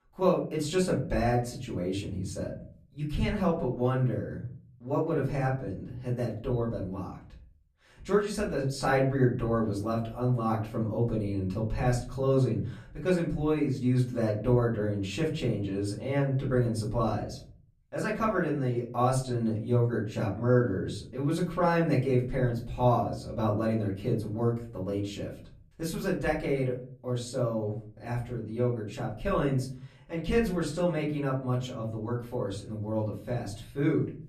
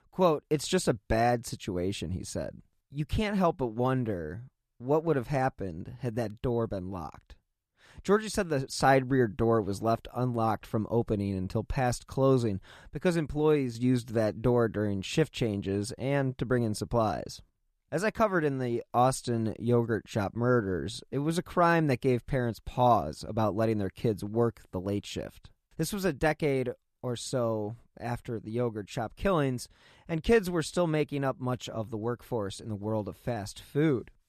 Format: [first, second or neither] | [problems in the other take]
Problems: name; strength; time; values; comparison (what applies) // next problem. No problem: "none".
second | room echo; slight; dies away in 0.5 s // off-mic speech; far